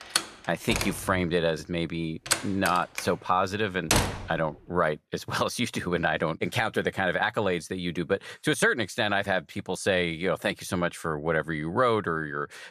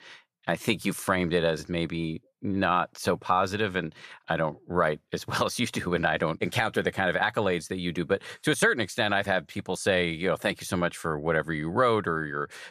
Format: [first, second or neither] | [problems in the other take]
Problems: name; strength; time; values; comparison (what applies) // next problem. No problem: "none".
second | door banging; loud; until 4 s; peak 3 dB above the speech